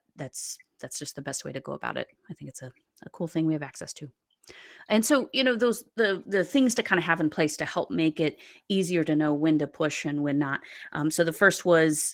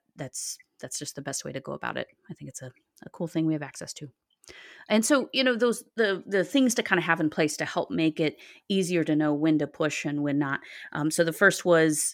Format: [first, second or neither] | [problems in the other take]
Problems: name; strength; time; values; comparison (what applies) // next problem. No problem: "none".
second | garbled, watery; slightly; nothing above 17 kHz